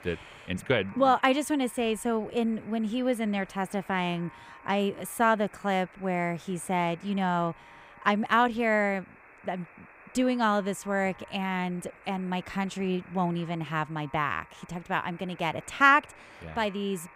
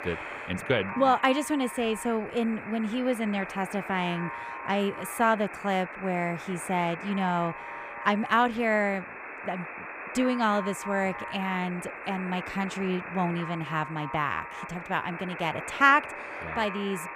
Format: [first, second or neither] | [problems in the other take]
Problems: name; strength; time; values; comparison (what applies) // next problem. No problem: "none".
first | alarms or sirens; loud; throughout; 10 dB below the speech; faint in the first